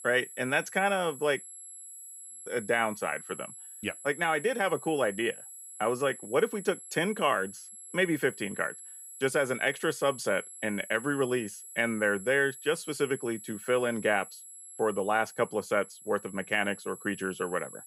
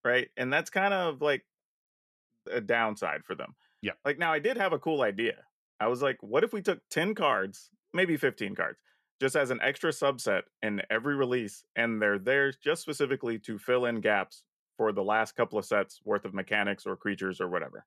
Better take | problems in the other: second | high-pitched whine; noticeable; throughout; 11 kHz, 15 dB below the speech

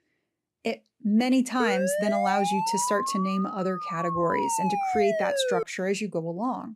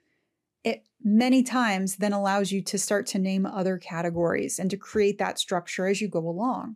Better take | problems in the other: second | siren; loud; from 1.5 to 5.5 s; peak 1 dB above the speech

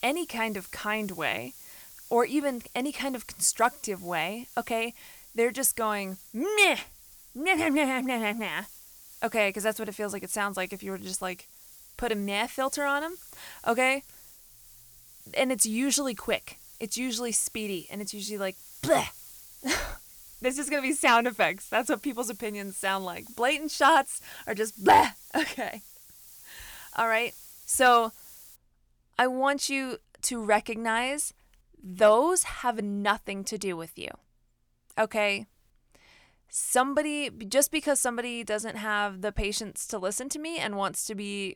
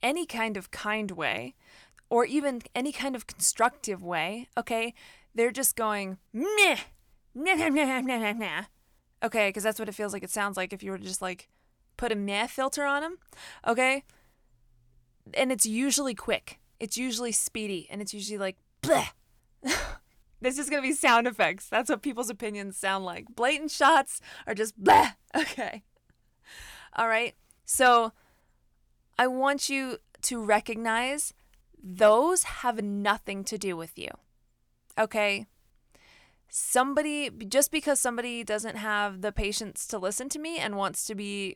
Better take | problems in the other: second | hiss; noticeable; until 29 s; 20 dB below the speech

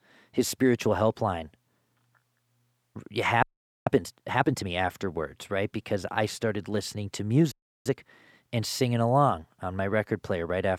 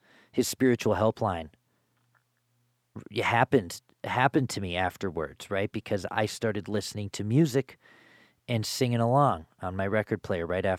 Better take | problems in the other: second | audio freezing; at 3.5 s and at 7.5 s

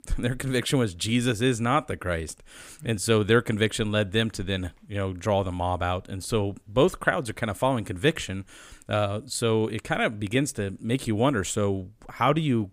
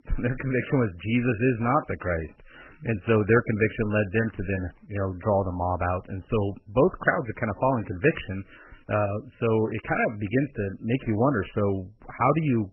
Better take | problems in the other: first | garbled, watery; badly; nothing above 3 kHz

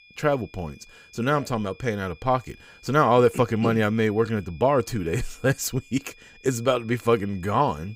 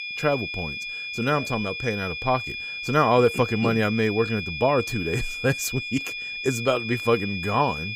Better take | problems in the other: first | high-pitched whine; loud; throughout; 2.5 kHz, 6 dB below the speech; faint in the first

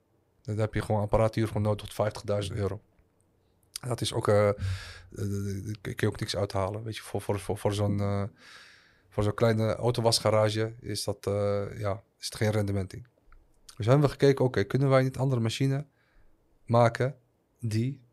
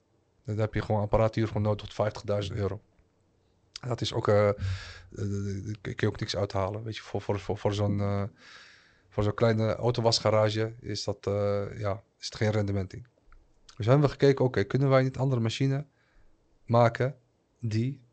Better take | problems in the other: first | garbled, watery; slightly; nothing above 8 kHz

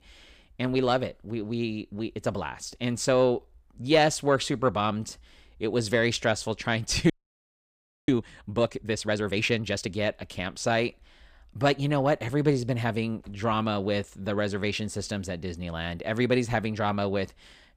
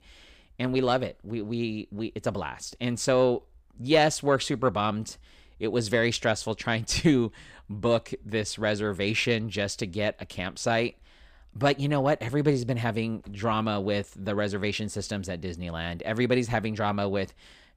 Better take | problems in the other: second | audio freezing; at 7 s for 1 s

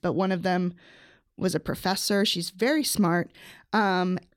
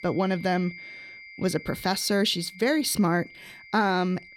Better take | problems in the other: first | high-pitched whine; noticeable; throughout; 2 kHz, 20 dB below the speech

